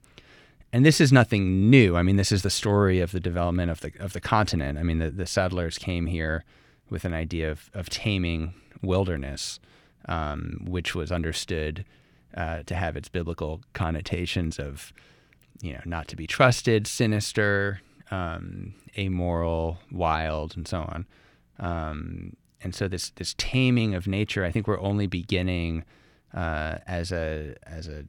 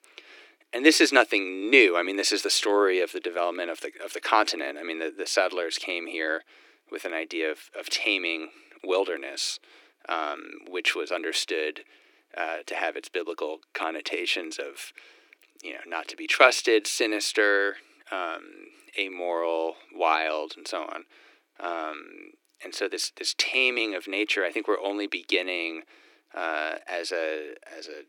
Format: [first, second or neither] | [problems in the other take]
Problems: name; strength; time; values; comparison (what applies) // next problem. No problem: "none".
first | thin; very; fading below 300 Hz